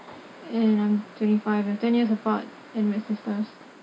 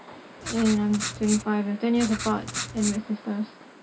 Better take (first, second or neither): first